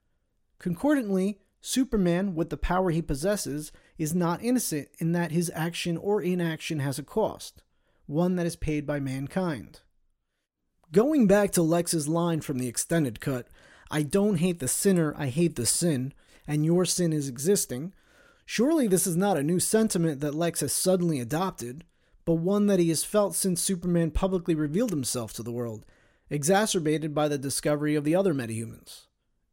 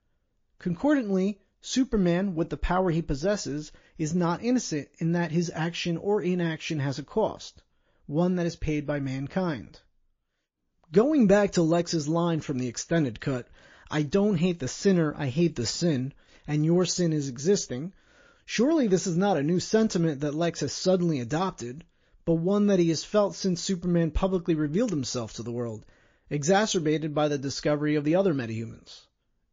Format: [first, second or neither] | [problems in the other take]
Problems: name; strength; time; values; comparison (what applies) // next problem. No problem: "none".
first | garbled, watery; slightly